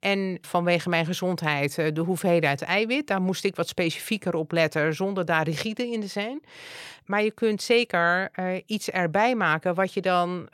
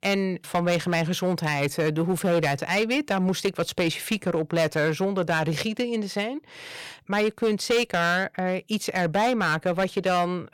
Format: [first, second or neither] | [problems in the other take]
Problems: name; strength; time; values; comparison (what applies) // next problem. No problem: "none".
first | distortion; slight; 7% of the sound clipped